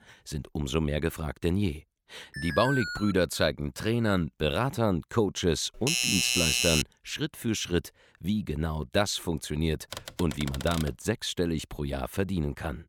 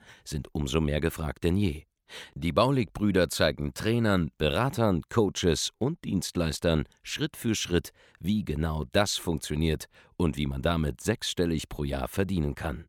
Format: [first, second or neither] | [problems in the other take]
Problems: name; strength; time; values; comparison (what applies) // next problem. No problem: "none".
second | alarm; noticeable; at 2.5 s; peak 3 dB below the speech // doorbell; loud; from 6 to 7 s; peak 6 dB above the speech // keyboard typing; noticeable; at 10 s; peak 8 dB below the speech